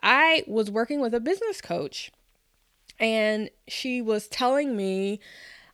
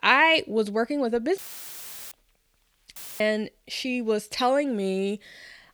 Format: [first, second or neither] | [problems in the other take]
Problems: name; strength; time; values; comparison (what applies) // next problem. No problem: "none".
first | audio cutting out; filled with static; at 1.5 s for 0.5 s and at 3 s